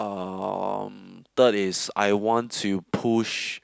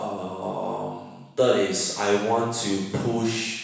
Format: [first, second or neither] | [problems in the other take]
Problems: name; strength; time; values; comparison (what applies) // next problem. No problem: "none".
first | room echo; dies away in 1.1 s